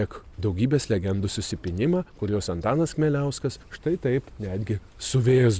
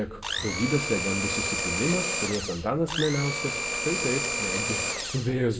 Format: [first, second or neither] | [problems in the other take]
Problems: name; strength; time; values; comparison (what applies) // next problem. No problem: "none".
first | background sound (Domestic sounds, home sounds); 1 dB below the speech // room echo; dies away in 0.6 s